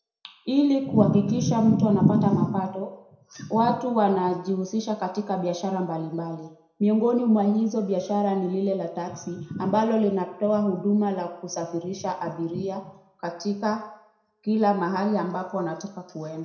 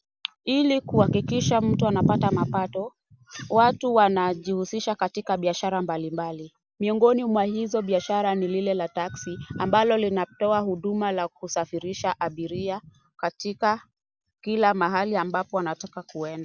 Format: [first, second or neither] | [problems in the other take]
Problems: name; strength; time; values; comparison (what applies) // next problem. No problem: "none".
second | room echo; dies away in 0.6 s